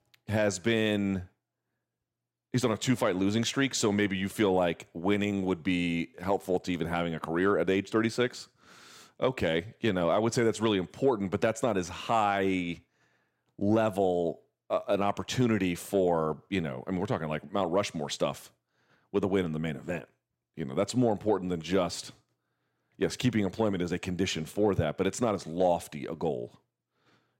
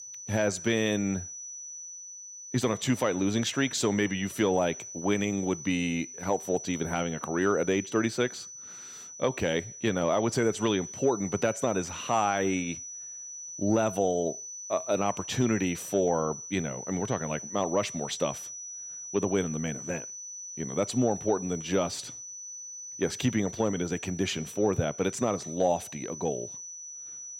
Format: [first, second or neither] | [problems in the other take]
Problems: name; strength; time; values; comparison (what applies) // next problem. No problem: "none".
first | high-pitched whine; loud; throughout; 6 kHz, 10 dB below the speech